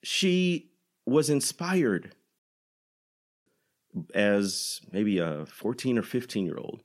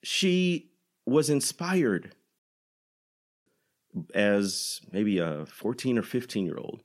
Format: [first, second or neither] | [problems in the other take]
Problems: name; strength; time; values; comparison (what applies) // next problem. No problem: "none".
neither | audio cutting out; at 2.5 s for 1 s; the same in both